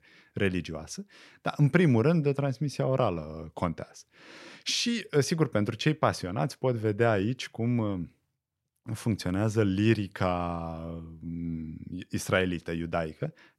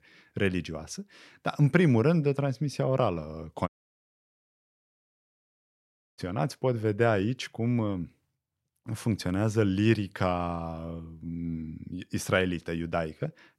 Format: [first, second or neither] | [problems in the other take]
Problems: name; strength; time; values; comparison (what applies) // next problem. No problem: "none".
first | audio cutting out; at 3.5 s for 2.5 s